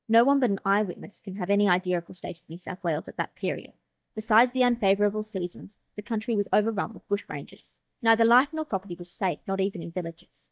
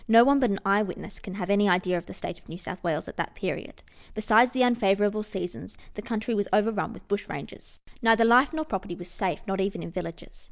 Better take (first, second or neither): second